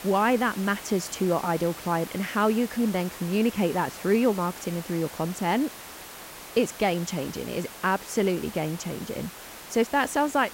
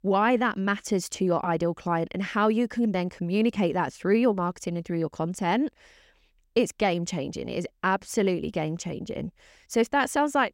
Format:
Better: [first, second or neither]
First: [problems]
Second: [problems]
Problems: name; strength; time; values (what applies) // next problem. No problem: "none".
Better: second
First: hiss; noticeable; throughout; 15 dB below the speech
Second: none